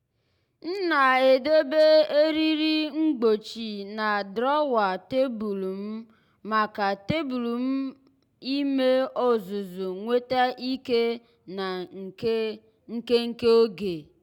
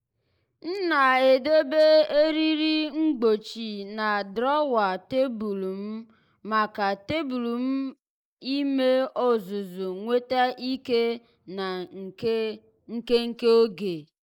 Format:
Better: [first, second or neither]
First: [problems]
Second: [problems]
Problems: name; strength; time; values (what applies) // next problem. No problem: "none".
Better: first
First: none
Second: noise reduction (neural mask model Resemble Enhance denoiser)